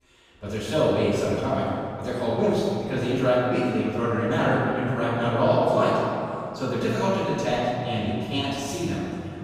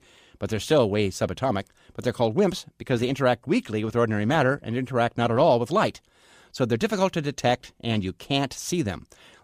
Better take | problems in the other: second | off-mic speech; far // room echo; strong; dies away in 2.5 s

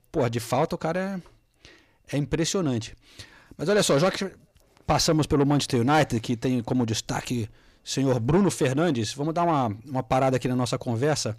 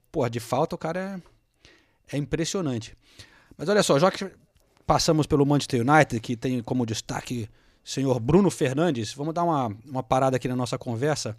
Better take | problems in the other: second | distortion; slight; 10 dB below the speech

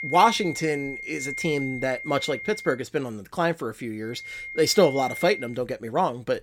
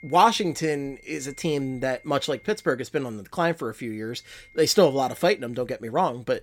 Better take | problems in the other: second | high-pitched whine; loud; until 2.5 s and from 4 to 5.5 s; 2 kHz, 8 dB below the speech; faint in the second

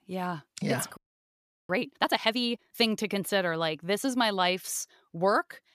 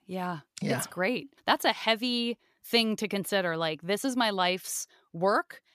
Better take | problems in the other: second | audio freezing; at 1 s for 0.5 s

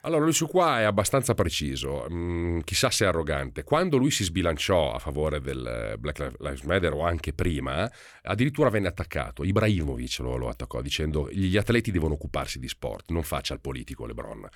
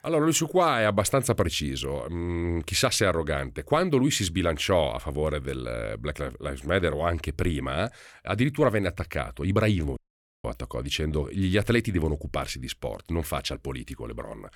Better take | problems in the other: first | audio cutting out; at 10 s

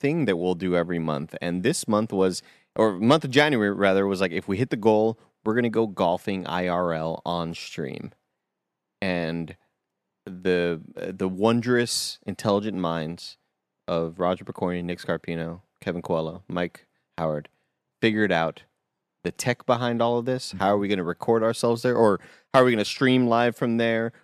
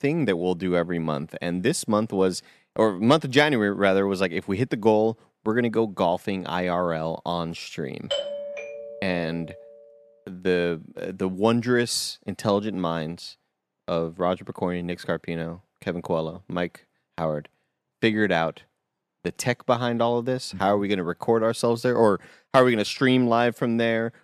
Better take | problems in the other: first | doorbell; noticeable; from 8 to 9.5 s; peak 4 dB below the speech

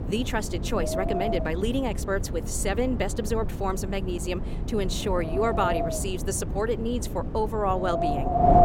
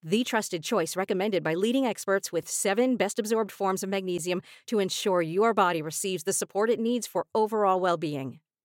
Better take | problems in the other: second | wind noise on the microphone; heavy; 3 dB below the speech

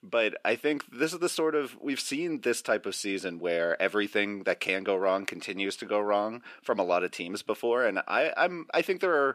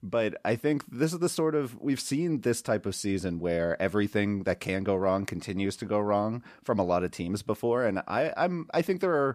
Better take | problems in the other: second | thin; somewhat; fading below 350 Hz

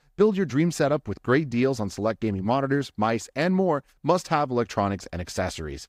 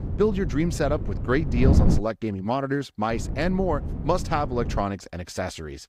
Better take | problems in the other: first | wind noise on the microphone; heavy; until 2 s and from 3 to 5 s; 10 dB below the speech

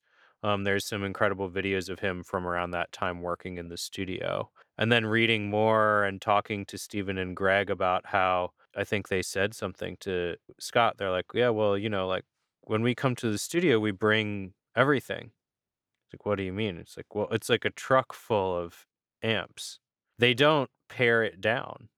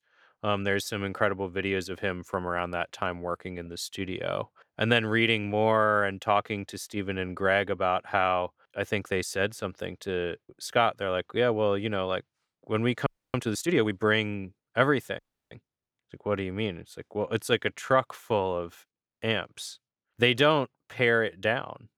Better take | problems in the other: first | audio freezing; at 13 s and at 15 s

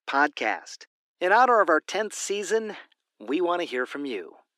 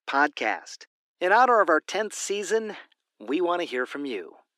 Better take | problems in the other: neither | thin; very; fading below 300 Hz; the same in both

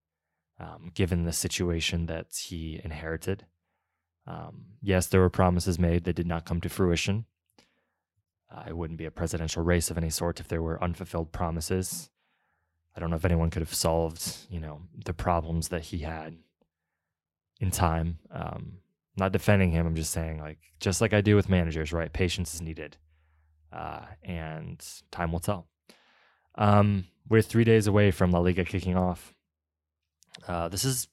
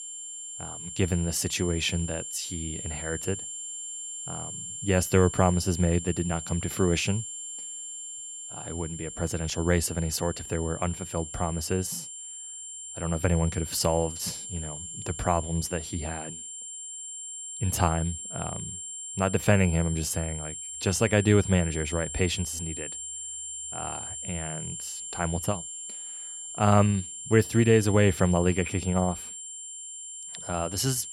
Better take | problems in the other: first | high-pitched whine; loud; throughout; 7.5 kHz, 8 dB below the speech

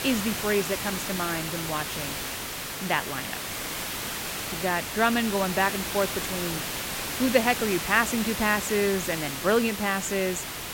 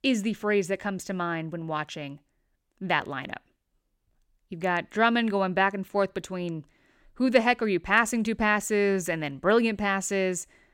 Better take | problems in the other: second | hiss; loud; throughout; 4 dB below the speech

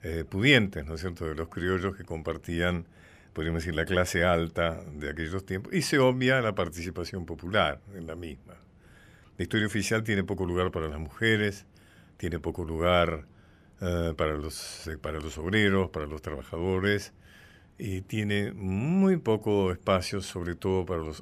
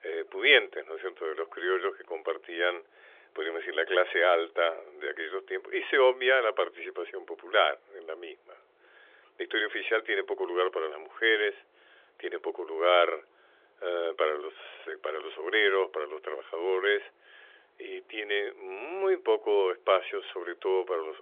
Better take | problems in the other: first | phone-call audio; nothing above 3.5 kHz

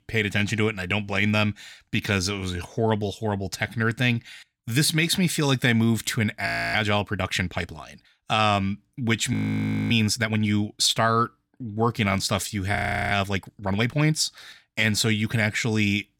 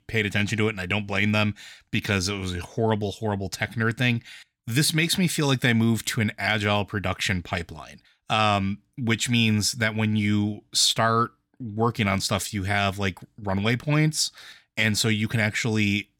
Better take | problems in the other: second | audio freezing; at 6.5 s, at 9.5 s for 0.5 s and at 13 s

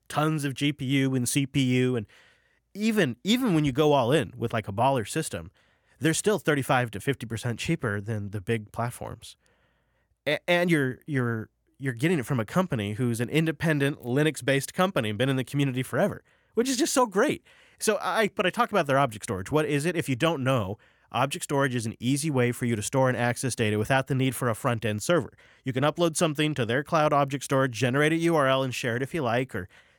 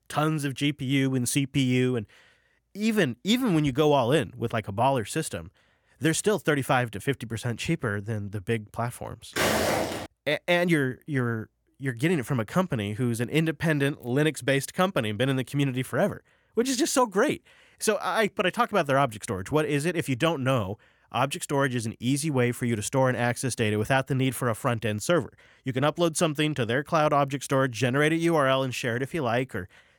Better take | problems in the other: first | footsteps; loud; at 9.5 s; peak 3 dB above the speech

